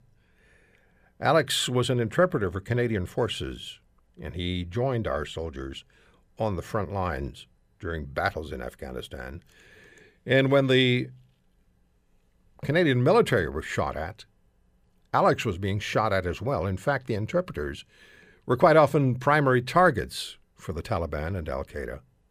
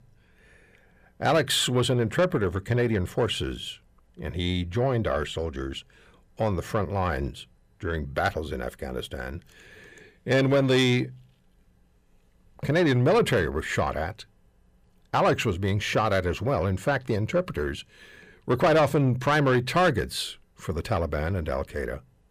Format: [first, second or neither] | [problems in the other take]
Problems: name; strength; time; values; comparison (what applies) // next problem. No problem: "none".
first | distortion; slight; 10 dB below the speech